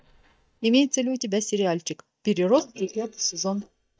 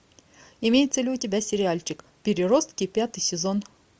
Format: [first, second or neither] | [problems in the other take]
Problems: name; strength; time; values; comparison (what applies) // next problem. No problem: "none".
second | noise reduction (neural mask model DeepFilterNet 3)